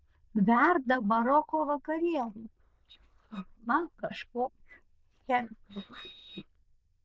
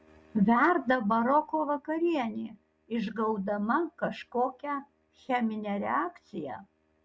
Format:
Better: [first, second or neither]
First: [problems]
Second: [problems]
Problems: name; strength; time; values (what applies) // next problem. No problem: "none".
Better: second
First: noise reduction (neural diffusion model UNIVERSE++)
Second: none